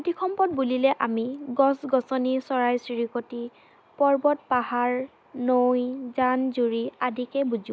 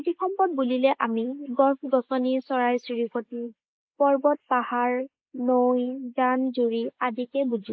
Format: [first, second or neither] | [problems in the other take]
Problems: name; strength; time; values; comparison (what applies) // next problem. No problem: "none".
first | noise reduction (neural mask model Resemble Enhance denoiser)